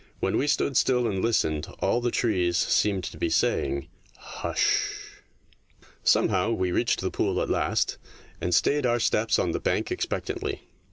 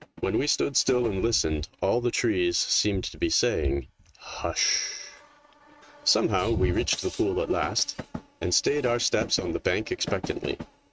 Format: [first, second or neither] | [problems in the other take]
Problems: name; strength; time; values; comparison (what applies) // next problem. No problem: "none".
first | noise reduction (neural mask model RNNoise)